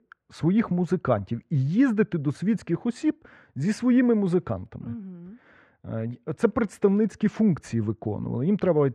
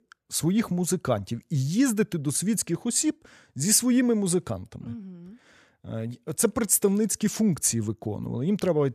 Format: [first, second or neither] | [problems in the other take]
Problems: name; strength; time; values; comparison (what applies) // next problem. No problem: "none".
second | muffled; very; fading above 1.5 kHz